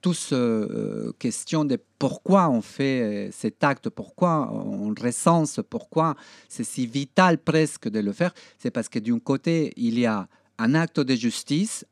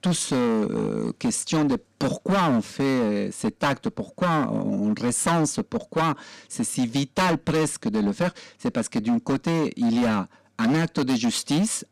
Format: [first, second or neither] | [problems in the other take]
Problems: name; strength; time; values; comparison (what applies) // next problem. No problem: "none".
first | distortion; heavy; 16% of the sound clipped